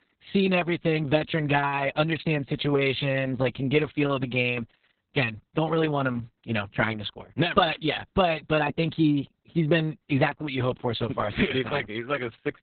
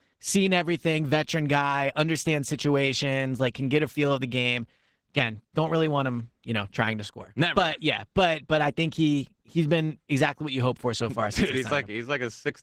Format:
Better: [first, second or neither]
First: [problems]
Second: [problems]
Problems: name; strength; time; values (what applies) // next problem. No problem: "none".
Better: second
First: garbled, watery; badly; nothing above 4 kHz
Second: garbled, watery; slightly; nothing above 16.5 kHz